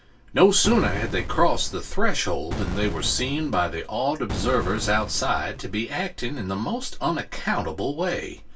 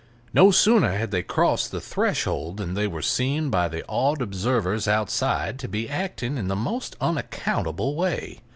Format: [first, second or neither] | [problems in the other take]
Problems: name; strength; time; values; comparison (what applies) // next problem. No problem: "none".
second | background sound (Boom); 7 dB below the speech // room echo; dies away in 0.1 s